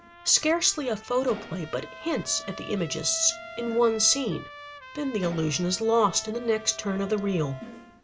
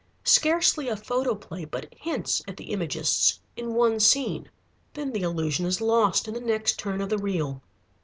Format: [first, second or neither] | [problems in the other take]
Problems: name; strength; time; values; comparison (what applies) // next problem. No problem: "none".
second | background sound (Trumpet + Mechanisms); 16 dB below the speech